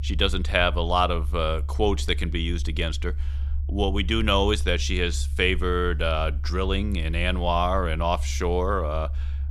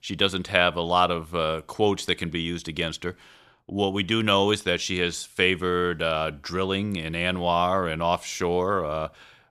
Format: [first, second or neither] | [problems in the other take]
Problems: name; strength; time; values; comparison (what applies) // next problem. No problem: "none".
second | low rumble; faint; throughout; 25 dB below the speech